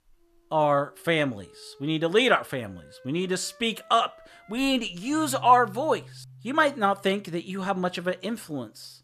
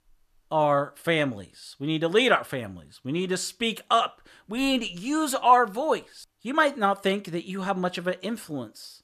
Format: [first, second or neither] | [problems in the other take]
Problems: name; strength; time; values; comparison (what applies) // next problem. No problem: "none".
second | background music; faint; throughout; 25 dB below the speech